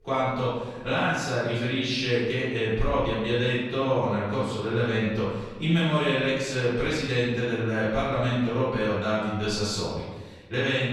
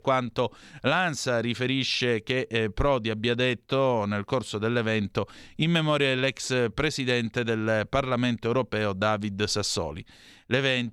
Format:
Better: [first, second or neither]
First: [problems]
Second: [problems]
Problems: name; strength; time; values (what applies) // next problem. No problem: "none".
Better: second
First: off-mic speech; far // room echo; strong; dies away in 1.1 s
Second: none